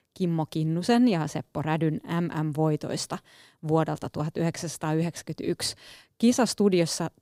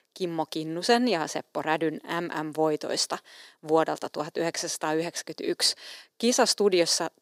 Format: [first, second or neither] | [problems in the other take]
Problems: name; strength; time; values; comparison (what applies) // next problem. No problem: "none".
first | thin; somewhat; fading below 450 Hz